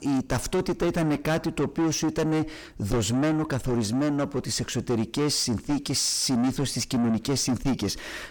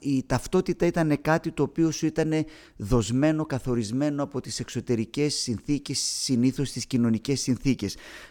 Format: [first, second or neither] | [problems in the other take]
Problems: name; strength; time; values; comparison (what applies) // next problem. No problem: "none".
second | distortion; heavy; 7 dB below the speech